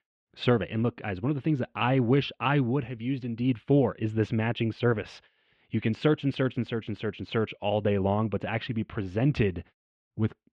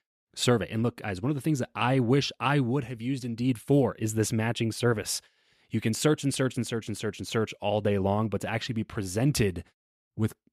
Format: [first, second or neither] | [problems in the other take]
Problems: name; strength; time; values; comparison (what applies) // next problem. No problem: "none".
second | muffled; very; fading above 3 kHz